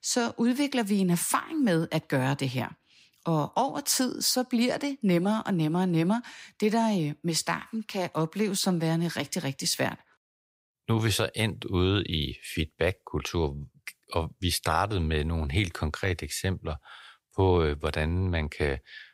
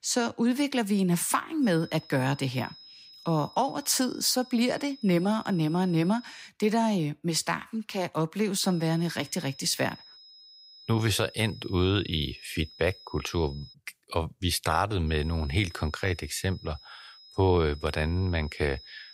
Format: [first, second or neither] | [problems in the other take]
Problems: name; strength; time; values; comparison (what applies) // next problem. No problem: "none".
first | high-pitched whine; faint; from 1.5 to 6.5 s, from 8.5 to 14 s and from 15 s on; 5 kHz, 20 dB below the speech